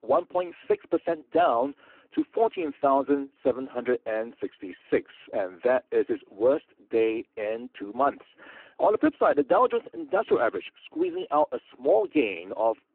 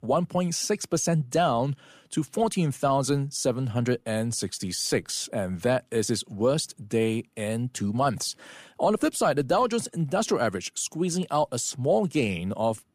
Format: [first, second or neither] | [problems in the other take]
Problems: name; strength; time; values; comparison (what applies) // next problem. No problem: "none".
second | phone-call audio; poor line